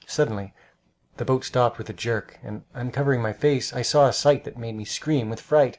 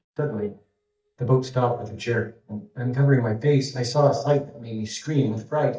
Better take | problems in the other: first | noise reduction (neural mask model DeepFilterNet 3)

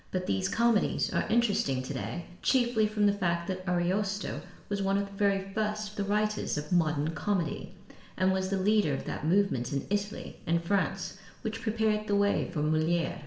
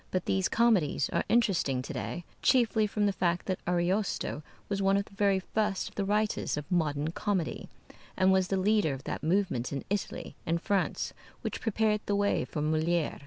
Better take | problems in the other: second | room echo; dies away in 1.2 s

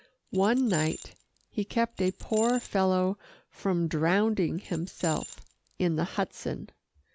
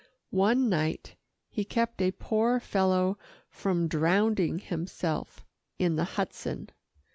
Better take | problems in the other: second | background sound (Keys jangling); 15 dB below the speech

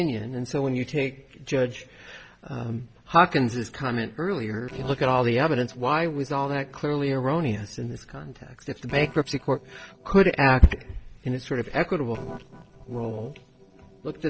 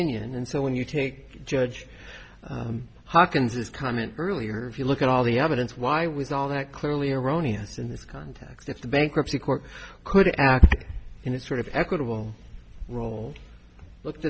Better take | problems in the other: second | noise reduction (neural separator model SepFormer DNS4)

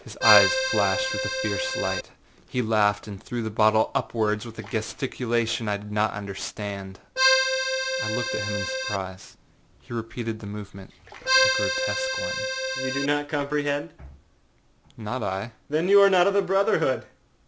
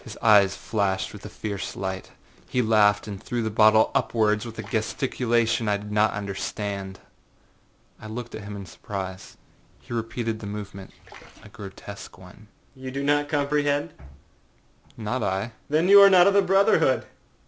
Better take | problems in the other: second | background sound (Accordion); 2 dB above the speech

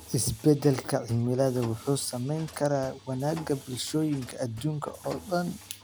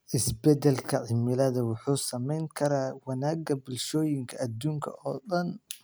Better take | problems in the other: second | background sound (Mechanisms); 18 dB below the speech

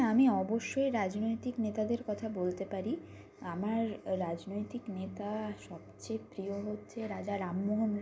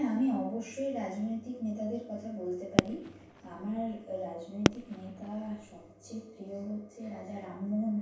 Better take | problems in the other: first | background sound (Fireworks); 2 dB above the speech // room echo; dies away in 0.7 s

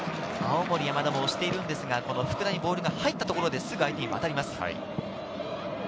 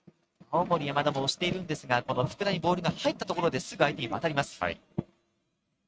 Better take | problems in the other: first | noise reduction (neural mask model RNNoise)

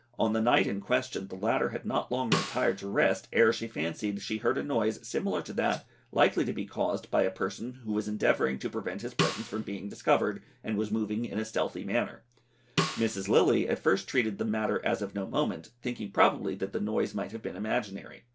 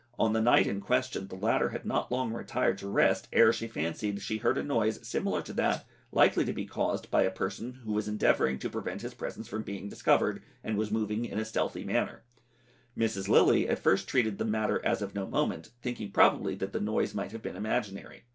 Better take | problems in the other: second | background sound (Snare drum); 7 dB below the speech

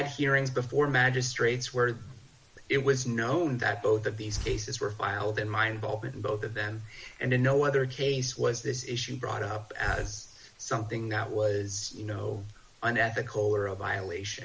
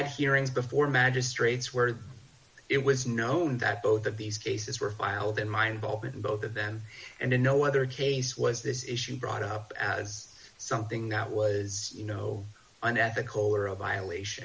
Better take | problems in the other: second | background sound (Hiss); 18 dB below the speech

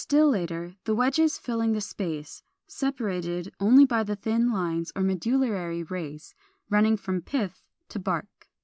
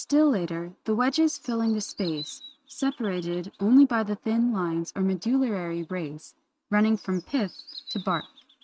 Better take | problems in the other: first | noise reduction (neural mask model RNNoise)

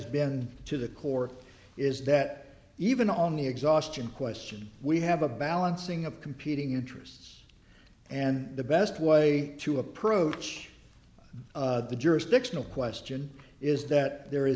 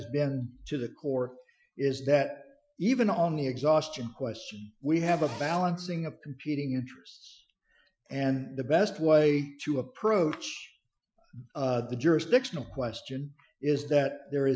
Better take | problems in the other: first | noise reduction (classical method Wiener filter)

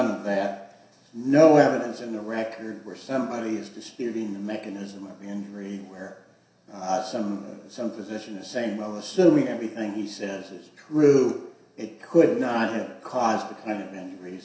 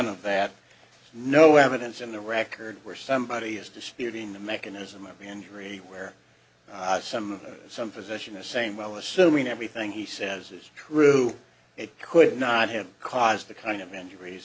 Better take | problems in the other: second | room echo; dies away in 0.7 s

